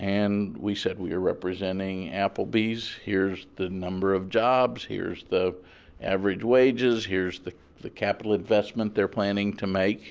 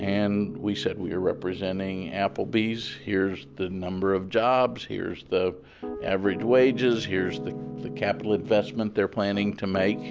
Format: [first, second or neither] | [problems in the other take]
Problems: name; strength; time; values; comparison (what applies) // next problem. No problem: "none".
first | background sound (Piano); 12 dB below the speech